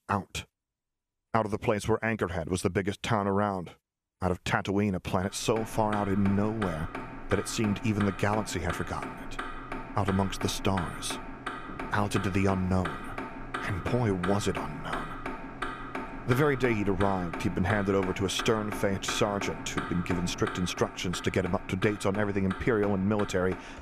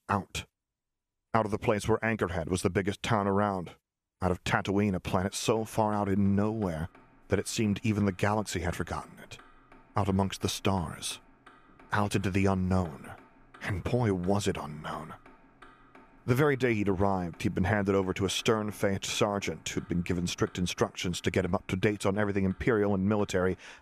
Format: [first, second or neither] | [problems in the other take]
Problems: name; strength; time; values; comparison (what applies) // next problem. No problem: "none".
second | traffic noise; loud; from 5.5 s on; 9 dB below the speech; faint in the second